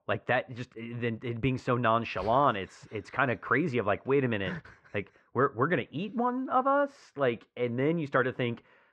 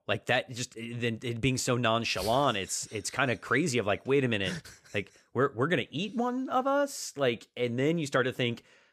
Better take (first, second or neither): second